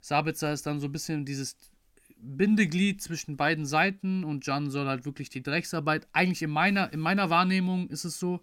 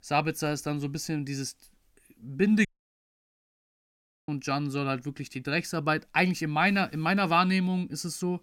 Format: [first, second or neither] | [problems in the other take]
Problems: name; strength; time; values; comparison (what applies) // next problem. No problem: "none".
first | audio cutting out; at 2.5 s for 1.5 s